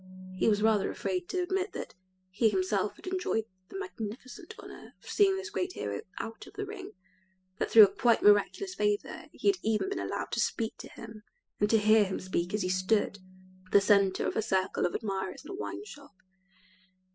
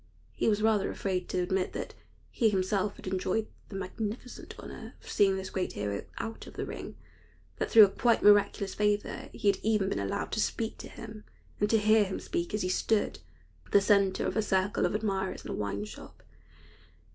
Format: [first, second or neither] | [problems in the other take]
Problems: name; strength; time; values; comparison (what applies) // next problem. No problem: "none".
second | noise reduction (classical method spectral subtraction)